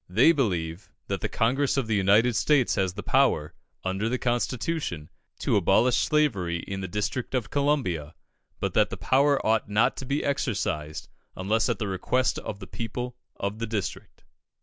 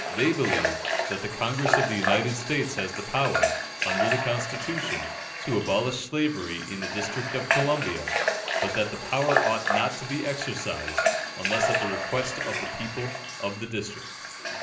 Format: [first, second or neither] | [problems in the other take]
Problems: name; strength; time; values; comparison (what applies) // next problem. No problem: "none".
first | background sound (Water tap, faucet / Water); 1 dB above the speech // room echo; dies away in 0.5 s